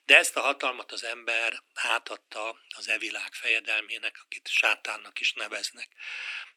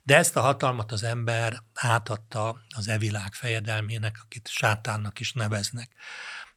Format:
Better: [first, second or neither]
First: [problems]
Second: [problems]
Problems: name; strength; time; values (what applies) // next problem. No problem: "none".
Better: second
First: thin; very; fading below 300 Hz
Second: none